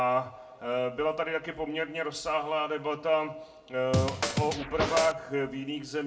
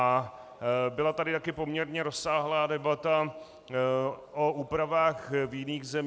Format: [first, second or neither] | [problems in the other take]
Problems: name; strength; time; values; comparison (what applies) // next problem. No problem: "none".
second | background sound (Scratching (performance technique)); as loud as the speech // room echo; dies away in 0.3 s